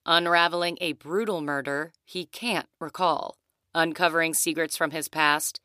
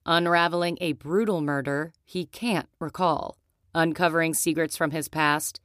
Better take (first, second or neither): second